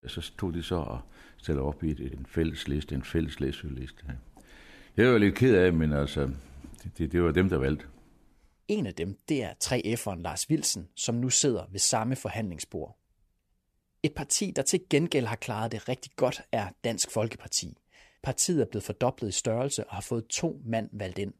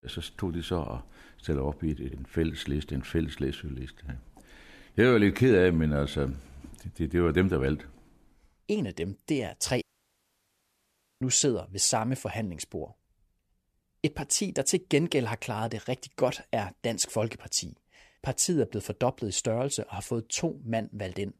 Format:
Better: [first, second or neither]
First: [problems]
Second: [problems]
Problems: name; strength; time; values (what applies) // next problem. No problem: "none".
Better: first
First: none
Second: audio cutting out; at 10 s for 1.5 s